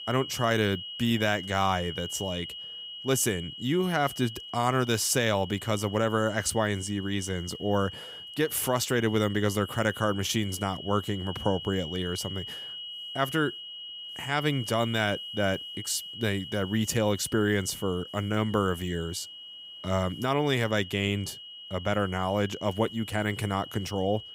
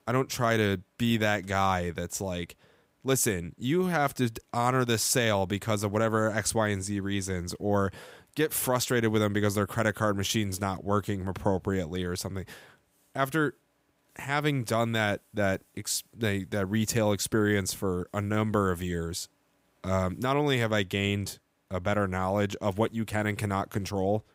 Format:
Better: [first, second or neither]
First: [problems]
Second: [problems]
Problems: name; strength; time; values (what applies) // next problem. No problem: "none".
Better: second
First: high-pitched whine; noticeable; throughout; 3 kHz, 10 dB below the speech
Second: none